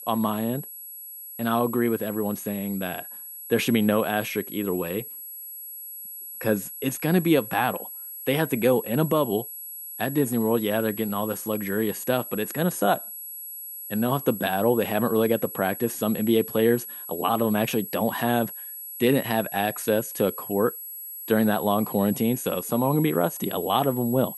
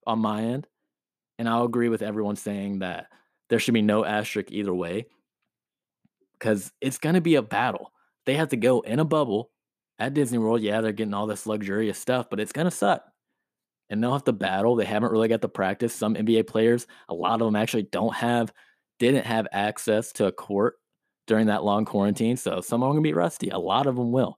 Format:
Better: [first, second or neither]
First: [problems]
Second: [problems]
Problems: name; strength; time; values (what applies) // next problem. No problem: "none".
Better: second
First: high-pitched whine; loud; throughout; 11.5 kHz, 10 dB below the speech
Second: none